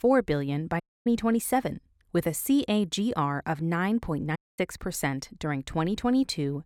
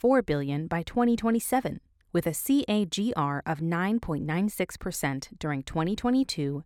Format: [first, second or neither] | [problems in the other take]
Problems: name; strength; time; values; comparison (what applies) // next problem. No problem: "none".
second | audio cutting out; at 1 s and at 4.5 s